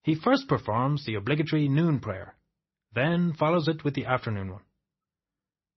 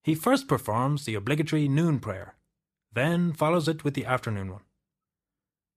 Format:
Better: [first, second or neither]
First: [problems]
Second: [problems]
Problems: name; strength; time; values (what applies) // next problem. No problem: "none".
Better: second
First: garbled, watery; slightly; nothing above 5.5 kHz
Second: none